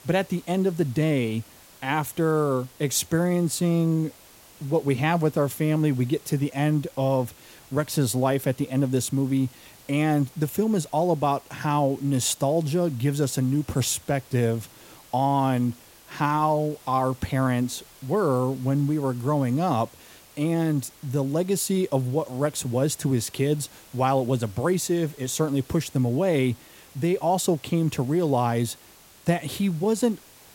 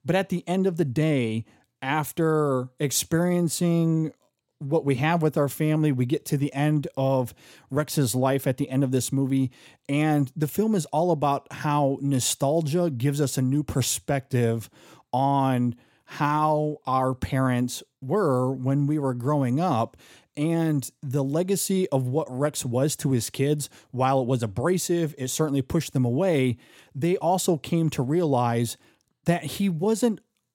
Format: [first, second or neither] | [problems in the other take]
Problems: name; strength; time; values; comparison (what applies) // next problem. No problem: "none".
second | hiss; faint; throughout; 25 dB below the speech